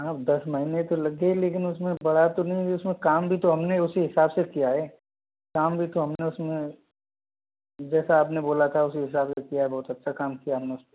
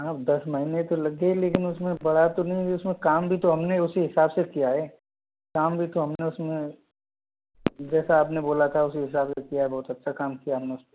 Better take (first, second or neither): first